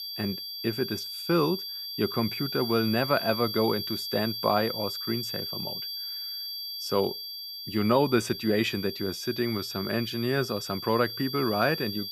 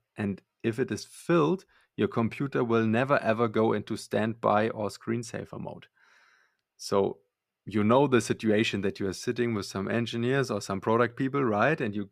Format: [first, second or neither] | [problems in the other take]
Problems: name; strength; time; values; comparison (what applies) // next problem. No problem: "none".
second | high-pitched whine; loud; throughout; 4.5 kHz, 5 dB below the speech